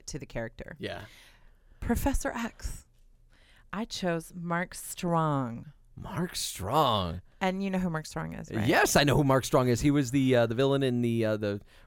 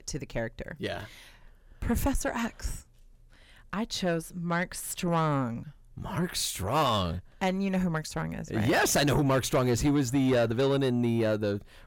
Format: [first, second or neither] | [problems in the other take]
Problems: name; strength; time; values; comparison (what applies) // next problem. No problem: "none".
first | distortion; slight; 10 dB below the speech